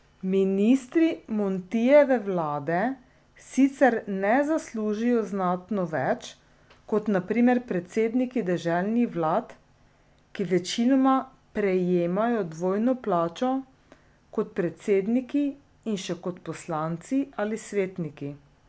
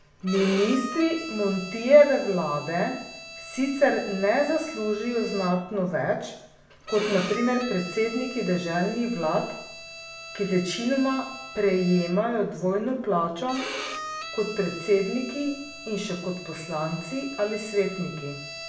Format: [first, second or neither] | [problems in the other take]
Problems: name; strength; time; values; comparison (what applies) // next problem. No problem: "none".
first | background sound (Bowed string instrument); 12 dB below the speech // room echo; dies away in 0.7 s